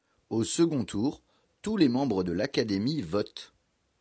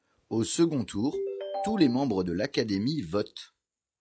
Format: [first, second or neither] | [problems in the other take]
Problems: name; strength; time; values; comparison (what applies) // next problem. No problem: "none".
first | noise reduction (classical method log-MMSE)